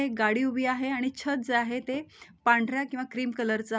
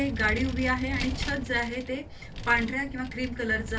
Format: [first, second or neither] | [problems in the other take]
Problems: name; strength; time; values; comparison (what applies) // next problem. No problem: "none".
first | background sound (Vehicle); 6 dB below the speech // room echo; dies away in 0.2 s